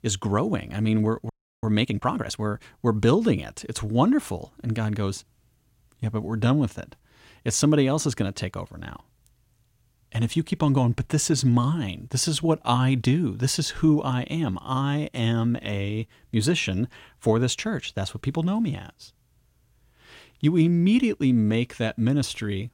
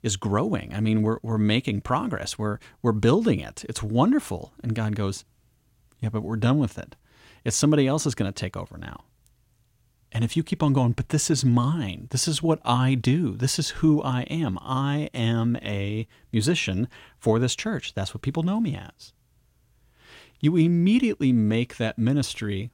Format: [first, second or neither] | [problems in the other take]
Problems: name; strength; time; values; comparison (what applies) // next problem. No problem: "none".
second | audio freezing; at 1.5 s